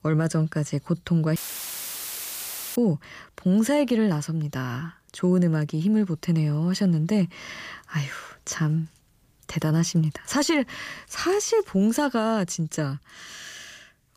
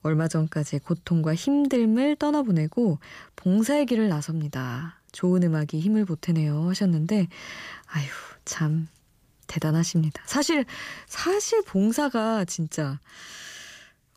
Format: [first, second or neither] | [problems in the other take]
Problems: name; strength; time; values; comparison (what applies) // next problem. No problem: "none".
second | audio cutting out; filled with static; at 1.5 s for 1.5 s